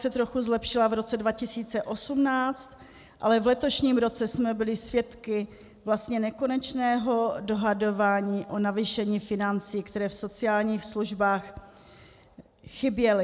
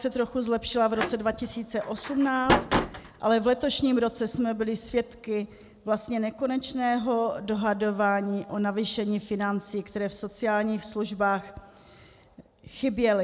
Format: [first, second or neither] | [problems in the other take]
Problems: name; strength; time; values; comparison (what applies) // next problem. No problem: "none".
first | background sound (Slam); 2 dB below the speech